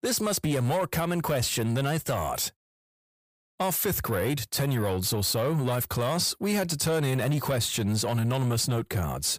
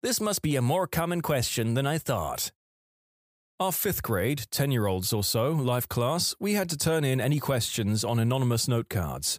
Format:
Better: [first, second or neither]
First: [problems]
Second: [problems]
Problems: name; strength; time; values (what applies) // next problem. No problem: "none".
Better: second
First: distortion; slight; 10 dB below the speech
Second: none